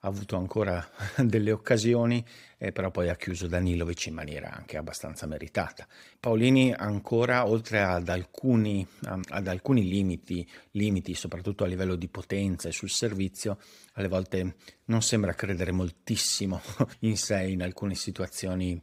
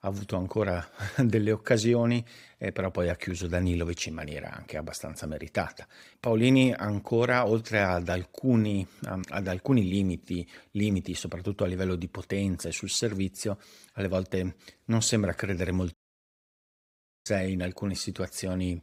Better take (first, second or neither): first